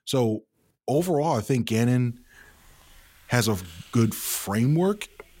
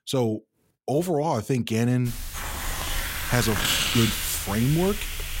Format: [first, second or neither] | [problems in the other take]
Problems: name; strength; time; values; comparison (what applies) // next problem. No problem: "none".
first | hiss; loud; from 2 s on; 2 dB below the speech; faint in the first